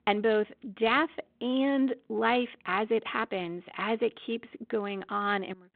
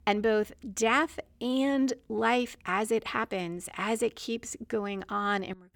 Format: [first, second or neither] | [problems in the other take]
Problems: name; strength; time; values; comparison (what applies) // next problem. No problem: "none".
second | phone-call audio